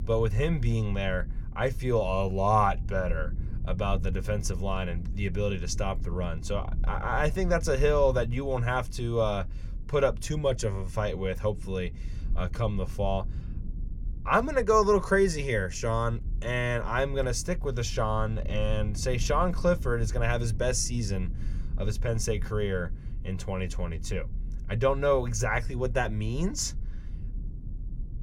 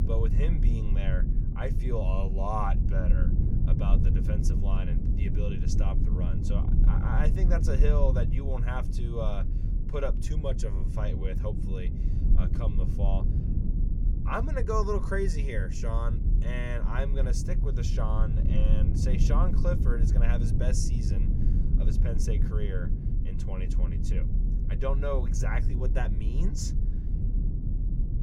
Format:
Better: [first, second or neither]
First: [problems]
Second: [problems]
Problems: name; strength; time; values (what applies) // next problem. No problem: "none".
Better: first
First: low rumble; faint; throughout; 25 dB below the speech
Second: low rumble; loud; throughout; 6 dB below the speech